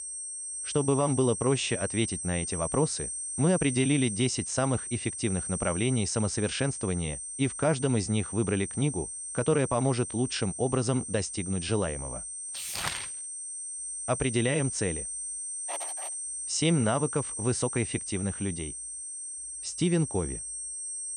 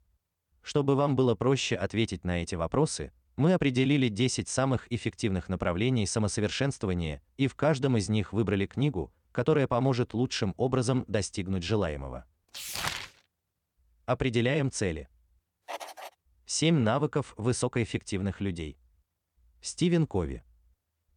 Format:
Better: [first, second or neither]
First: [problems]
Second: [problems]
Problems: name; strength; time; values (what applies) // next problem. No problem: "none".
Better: second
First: high-pitched whine; loud; throughout; 8.5 kHz, 5 dB below the speech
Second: none